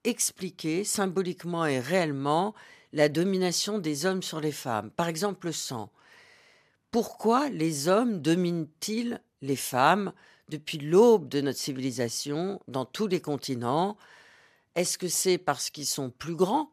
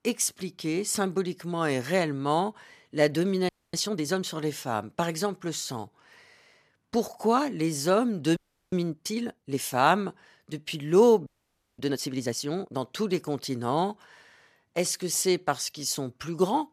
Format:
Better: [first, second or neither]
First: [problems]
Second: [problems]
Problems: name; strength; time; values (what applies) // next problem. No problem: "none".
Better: first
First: none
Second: audio freezing; at 3.5 s, at 8.5 s and at 11 s for 0.5 s